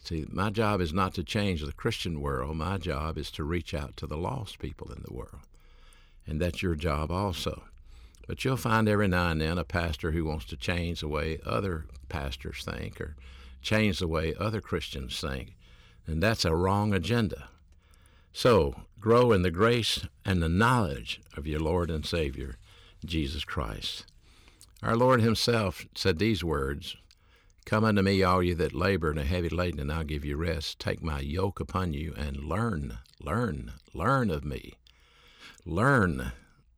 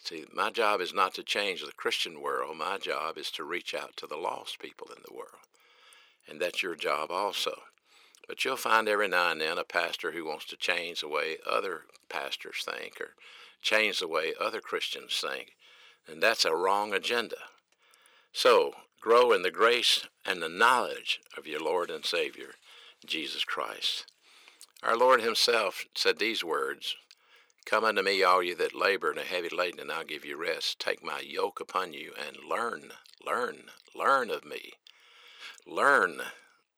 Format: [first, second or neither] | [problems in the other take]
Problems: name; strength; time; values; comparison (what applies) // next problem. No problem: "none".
first | thin; very; fading below 450 Hz